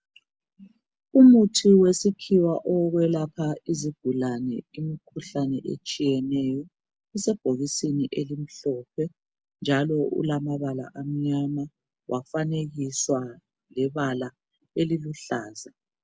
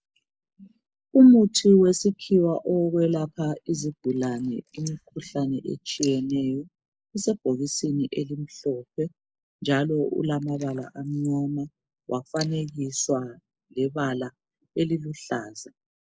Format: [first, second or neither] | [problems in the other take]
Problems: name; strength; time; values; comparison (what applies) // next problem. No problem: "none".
first | noise reduction (neural mask model Resemble Enhance denoiser)